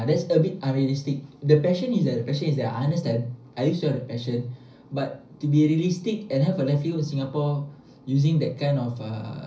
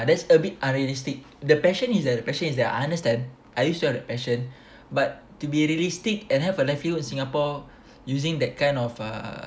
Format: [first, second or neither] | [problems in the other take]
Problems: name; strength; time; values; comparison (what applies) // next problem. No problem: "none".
second | room echo; dies away in 0.5 s